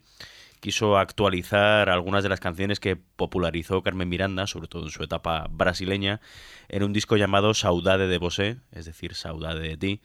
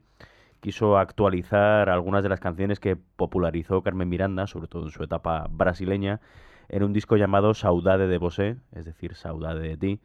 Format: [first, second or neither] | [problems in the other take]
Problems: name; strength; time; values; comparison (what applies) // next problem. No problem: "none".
first | muffled; very; fading above 2 kHz